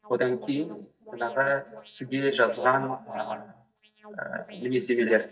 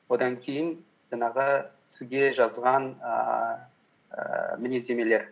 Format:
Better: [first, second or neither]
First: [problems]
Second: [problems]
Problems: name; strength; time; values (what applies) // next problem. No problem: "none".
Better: second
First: noise reduction (neural mask model DeepFilterNet 3)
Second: none